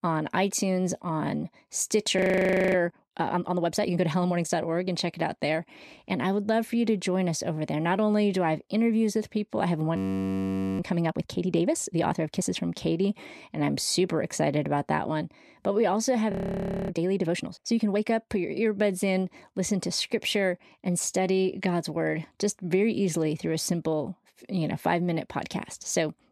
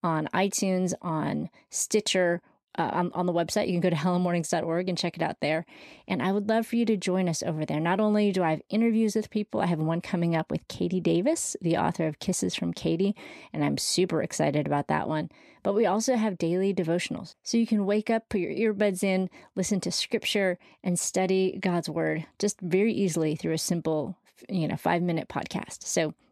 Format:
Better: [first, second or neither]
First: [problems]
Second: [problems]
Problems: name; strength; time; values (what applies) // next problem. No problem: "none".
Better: second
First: audio freezing; at 2 s for 0.5 s, at 10 s for 1 s and at 16 s for 0.5 s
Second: none